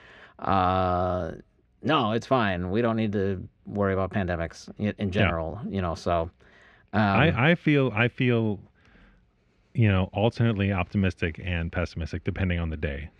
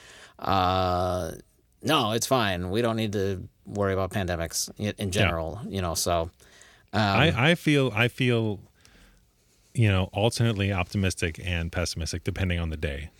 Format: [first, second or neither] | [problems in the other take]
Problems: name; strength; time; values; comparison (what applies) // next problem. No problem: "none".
second | muffled; very; fading above 2 kHz